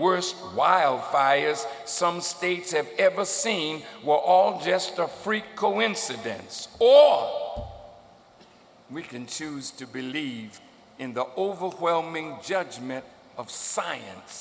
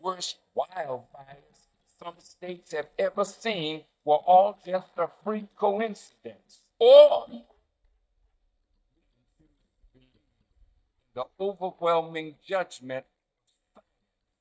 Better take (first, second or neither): first